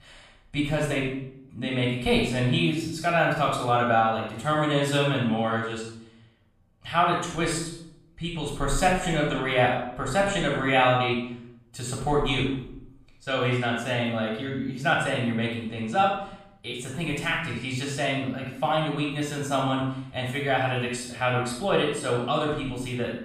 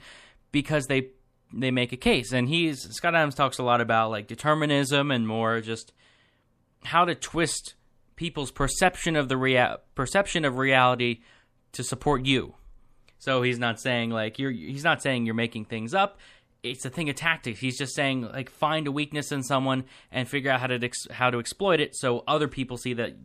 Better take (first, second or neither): second